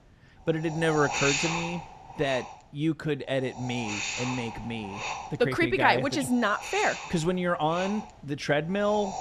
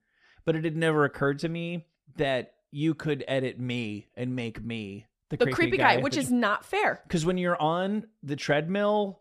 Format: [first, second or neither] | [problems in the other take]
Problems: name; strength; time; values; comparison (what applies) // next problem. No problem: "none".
second | wind noise on the microphone; heavy; 6 dB below the speech